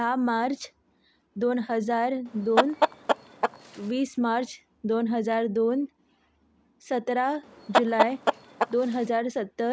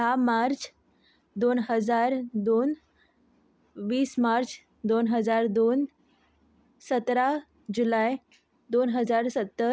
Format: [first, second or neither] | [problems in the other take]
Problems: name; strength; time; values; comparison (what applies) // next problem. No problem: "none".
second | background sound (Chicken, rooster); 1 dB above the speech